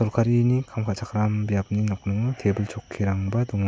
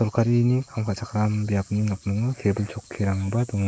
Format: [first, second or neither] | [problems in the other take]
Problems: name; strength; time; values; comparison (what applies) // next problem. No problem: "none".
first | noise reduction (neural mask model Resemble Enhance denoiser)